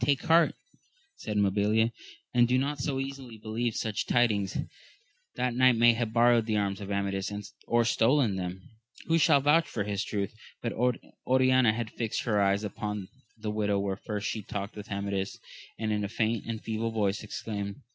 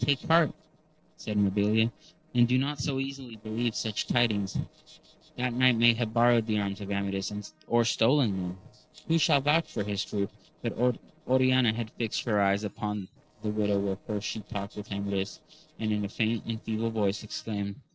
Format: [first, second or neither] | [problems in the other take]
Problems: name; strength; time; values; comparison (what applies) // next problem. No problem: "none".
first | noise reduction (neural separator model SepFormer DNS4)